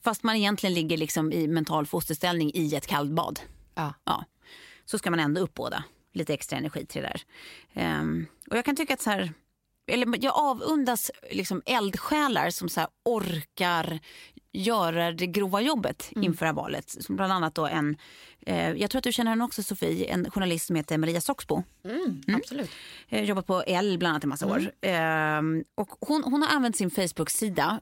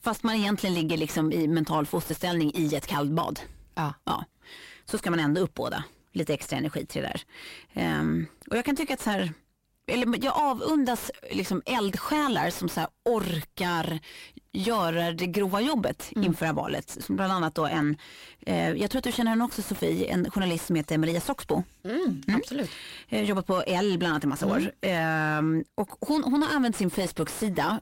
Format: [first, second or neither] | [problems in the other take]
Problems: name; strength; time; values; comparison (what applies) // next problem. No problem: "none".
first | distortion; slight; 10 dB below the speech